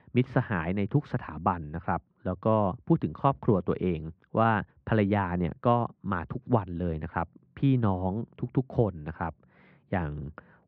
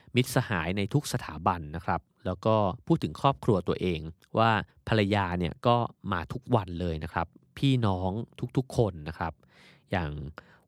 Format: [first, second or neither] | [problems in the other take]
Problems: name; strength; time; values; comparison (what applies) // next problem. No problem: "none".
second | muffled; very; fading above 2 kHz